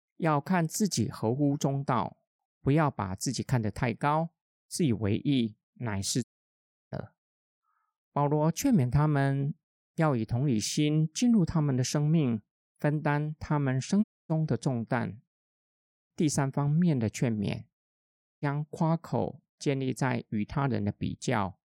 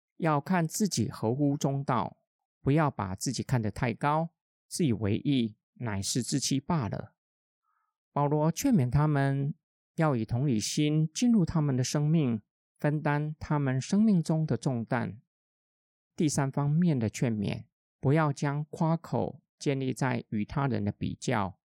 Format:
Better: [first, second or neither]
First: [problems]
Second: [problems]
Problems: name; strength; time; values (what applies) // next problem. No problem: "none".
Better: second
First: audio cutting out; at 6 s for 0.5 s, at 14 s and at 18 s for 0.5 s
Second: none